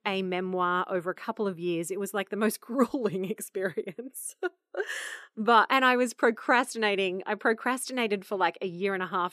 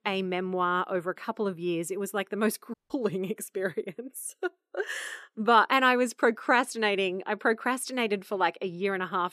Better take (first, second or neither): first